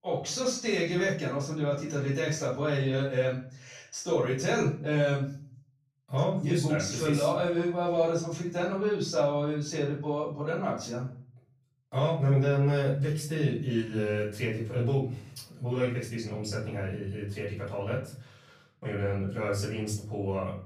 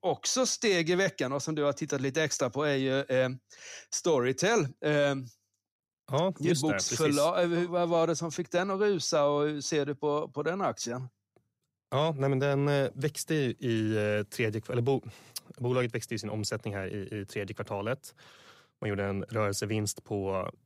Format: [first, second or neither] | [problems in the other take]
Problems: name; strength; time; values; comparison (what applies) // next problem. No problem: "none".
second | off-mic speech; far // room echo; noticeable; dies away in 0.7 s